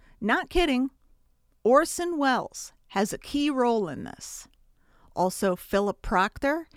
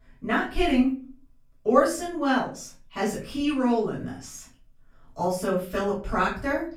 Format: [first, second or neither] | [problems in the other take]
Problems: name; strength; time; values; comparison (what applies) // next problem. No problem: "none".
first | room echo; slight; dies away in 0.4 s // off-mic speech; far